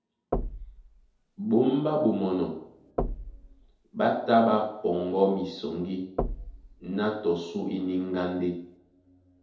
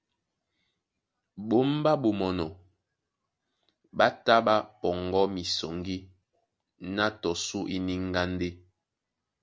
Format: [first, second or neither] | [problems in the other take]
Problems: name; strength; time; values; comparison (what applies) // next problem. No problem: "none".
second | background sound (Knock); 10 dB below the speech // room echo; dies away in 2.1 s